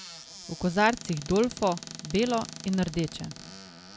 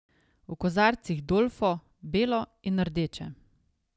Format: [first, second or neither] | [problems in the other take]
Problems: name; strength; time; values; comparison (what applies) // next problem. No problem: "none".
second | background sound (Squeak / Cupboard open or close); 14 dB below the speech